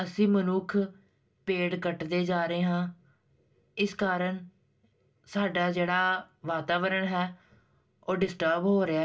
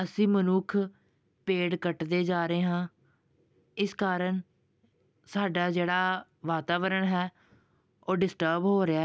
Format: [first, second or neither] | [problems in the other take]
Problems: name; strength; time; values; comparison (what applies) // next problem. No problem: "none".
second | room echo; dies away in 0.2 s